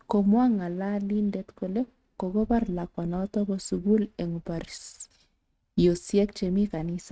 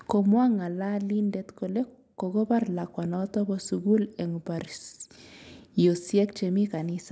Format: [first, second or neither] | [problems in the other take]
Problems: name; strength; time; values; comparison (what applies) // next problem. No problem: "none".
second | noise reduction (neural mask model RNNoise)